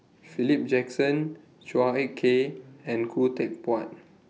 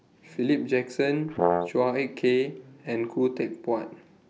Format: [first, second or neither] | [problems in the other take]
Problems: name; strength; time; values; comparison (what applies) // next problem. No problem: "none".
first | background sound (Brass instrument); 1 dB above the speech